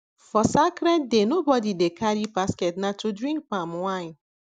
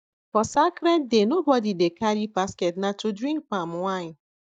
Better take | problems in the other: first | noise reduction (neural mask model DeepFilterNet 3)

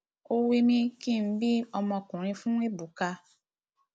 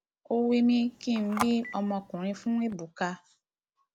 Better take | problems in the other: first | background sound (Telephone); 12 dB below the speech

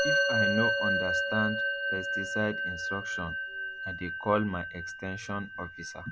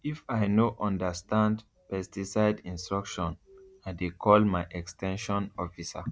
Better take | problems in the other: second | background sound (Musical instrument); 3 dB above the speech

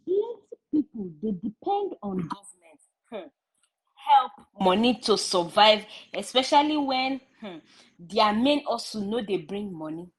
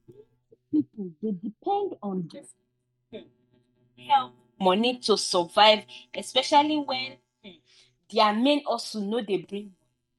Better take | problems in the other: first | noise reduction (neural mask model DeepFilterNet 3)

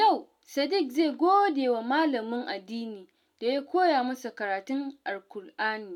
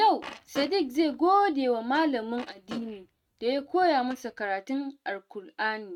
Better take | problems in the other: first | noise reduction (neural mask model RNNoise)

